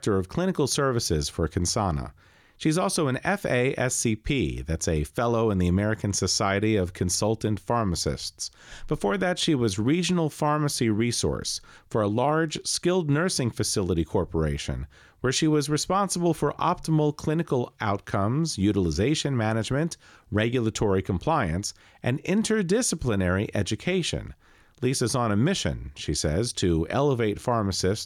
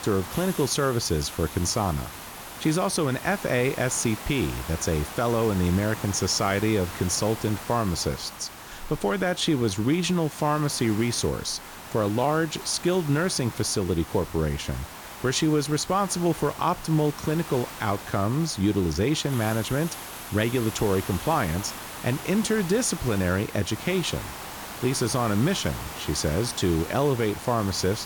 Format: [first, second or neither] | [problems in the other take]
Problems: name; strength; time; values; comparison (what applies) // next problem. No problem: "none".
first | hiss; noticeable; throughout; 10 dB below the speech